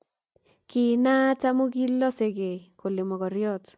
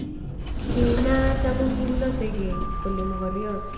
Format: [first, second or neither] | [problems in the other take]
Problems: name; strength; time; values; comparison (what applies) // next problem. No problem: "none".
first | background sound (Sliding door); 1 dB above the speech // room echo; dies away in 0.8 s